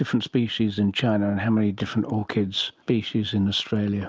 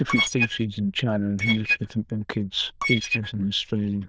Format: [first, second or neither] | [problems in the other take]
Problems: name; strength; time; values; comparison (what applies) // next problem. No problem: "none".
first | noise reduction (neural diffusion model UNIVERSE++)